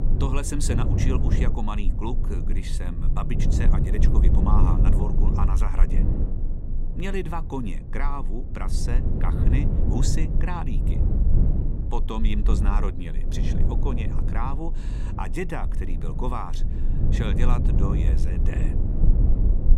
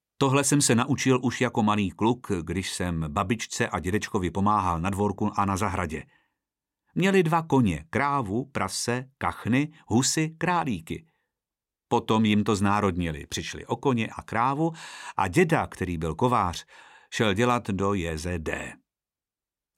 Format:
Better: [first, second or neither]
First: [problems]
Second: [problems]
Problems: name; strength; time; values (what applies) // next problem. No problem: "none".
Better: second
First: low rumble; loud; throughout; 4 dB below the speech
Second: none